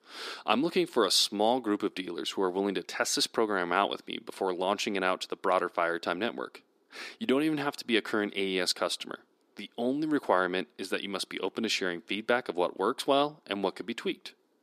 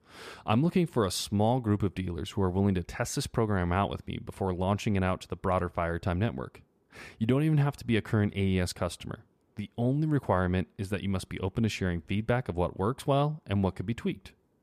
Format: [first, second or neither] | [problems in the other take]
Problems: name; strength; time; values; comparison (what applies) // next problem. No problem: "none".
second | thin; somewhat; fading below 300 Hz